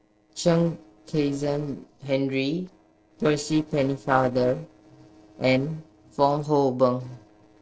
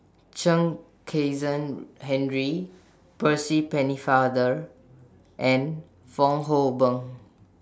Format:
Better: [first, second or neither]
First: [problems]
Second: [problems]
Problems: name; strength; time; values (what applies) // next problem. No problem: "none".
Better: second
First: noise reduction (neural separator model SepFormer DNS4)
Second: none